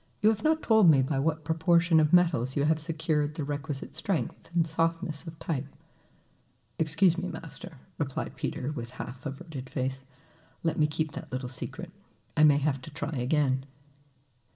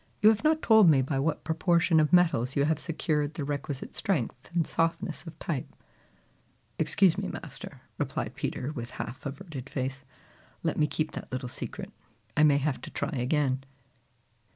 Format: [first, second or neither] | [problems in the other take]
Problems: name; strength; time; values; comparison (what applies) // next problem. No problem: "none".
second | room echo; dies away in 0.5 s